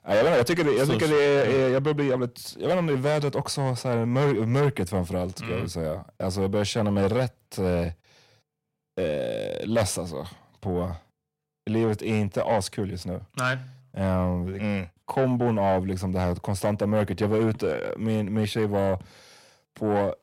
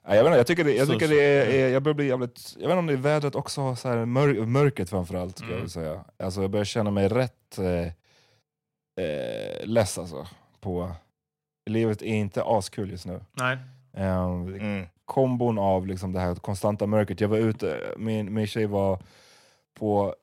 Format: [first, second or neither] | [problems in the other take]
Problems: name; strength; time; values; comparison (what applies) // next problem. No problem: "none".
second | distortion; slight; 10 dB below the speech